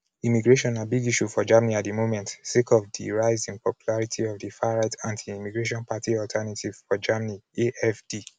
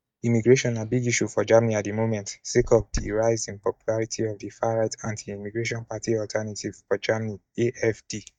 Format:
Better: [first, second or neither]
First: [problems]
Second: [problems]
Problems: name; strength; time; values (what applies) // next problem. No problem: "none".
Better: first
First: none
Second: noise reduction (neural mask model DeepFilterNet 3)